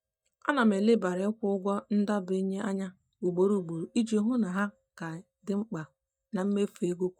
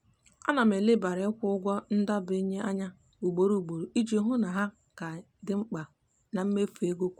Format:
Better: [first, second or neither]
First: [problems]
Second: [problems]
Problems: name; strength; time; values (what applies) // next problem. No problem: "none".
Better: second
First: noise reduction (neural mask model DeepFilterNet 3)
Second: none